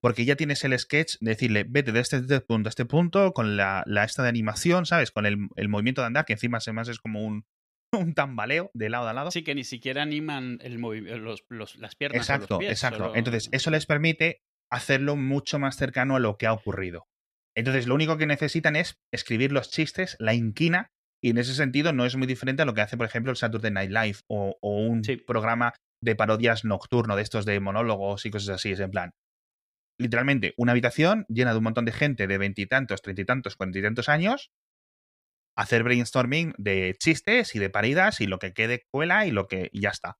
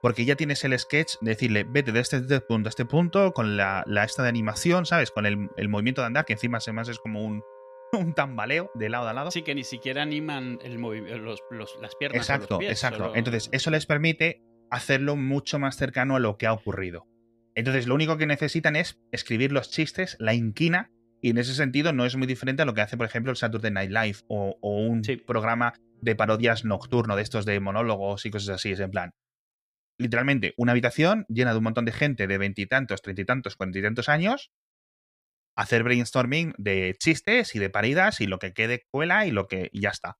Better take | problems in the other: first | background music; faint; until 28 s; 20 dB below the speech

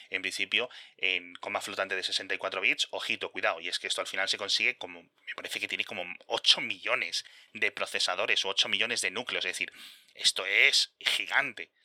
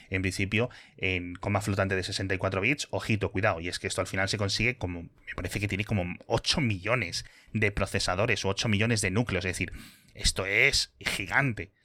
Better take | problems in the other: second | thin; very; fading below 550 Hz

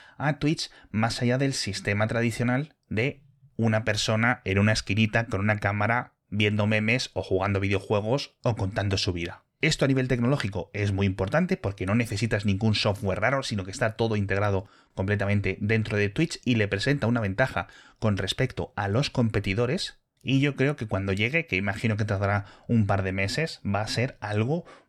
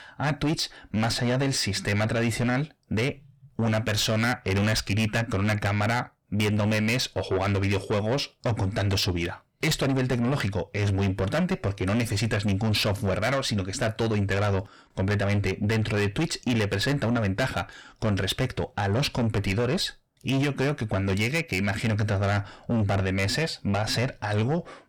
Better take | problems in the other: first | distortion; heavy; 7 dB below the speech

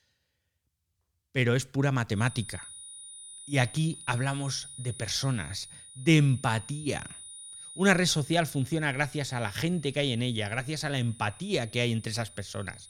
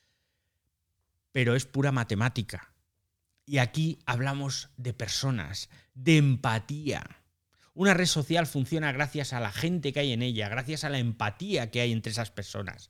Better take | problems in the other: second | high-pitched whine; noticeable; from 2 s on; 9.5 kHz, 15 dB below the speech

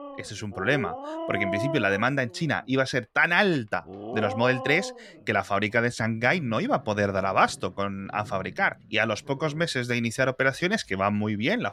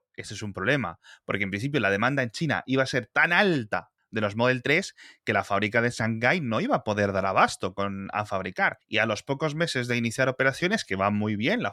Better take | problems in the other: second | animal sounds; noticeable; throughout; 10 dB below the speech

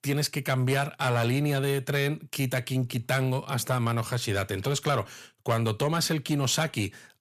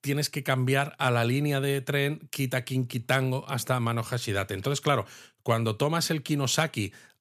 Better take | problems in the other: second | distortion; slight; 10 dB below the speech

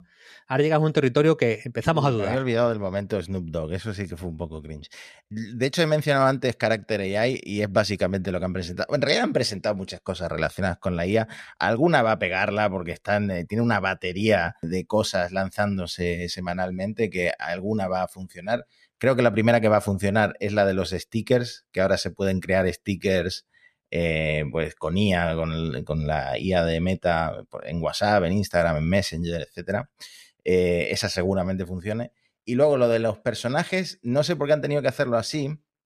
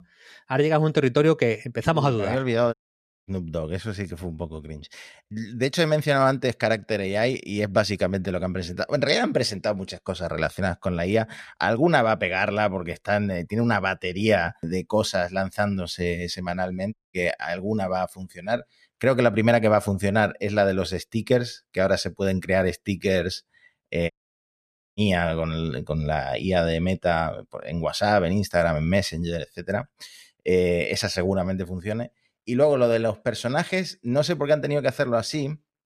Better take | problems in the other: first | audio cutting out; at 2.5 s for 0.5 s, at 17 s and at 24 s for 1 s

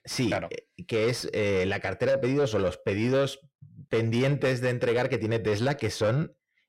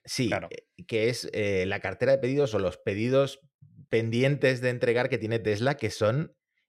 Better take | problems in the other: second | distortion; slight; 10 dB below the speech

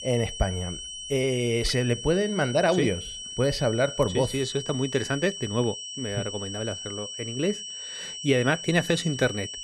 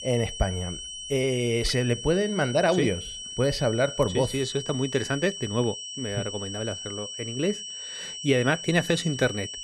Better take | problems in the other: neither | high-pitched whine; loud; throughout; 3 kHz, 8 dB below the speech; the same in both

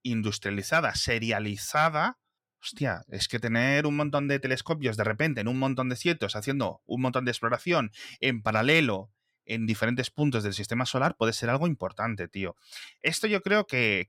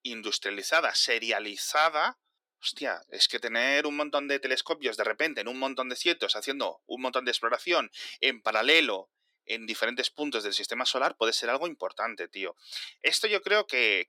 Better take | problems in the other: first | thin; somewhat; fading below 300 Hz

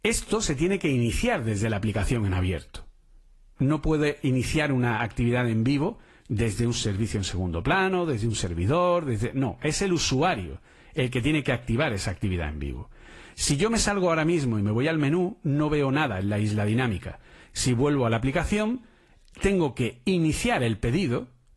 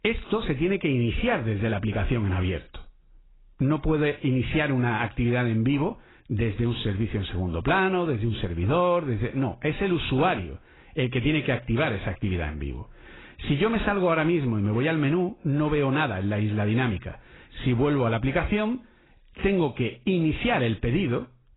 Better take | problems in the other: first | garbled, watery; badly; nothing above 4 kHz; slightly in the first

